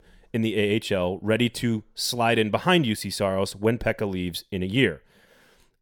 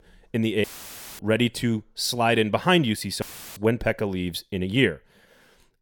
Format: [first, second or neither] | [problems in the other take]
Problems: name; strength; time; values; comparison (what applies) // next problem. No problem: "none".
first | audio cutting out; filled with static; at 0.5 s for 0.5 s and at 3 s